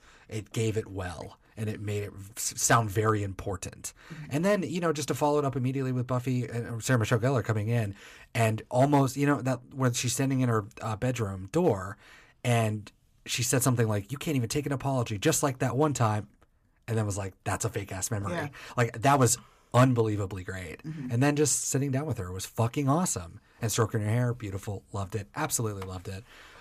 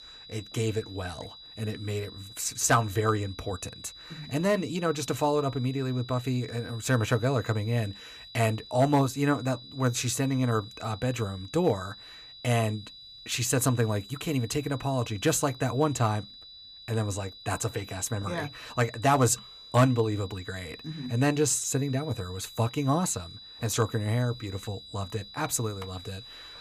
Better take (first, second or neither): first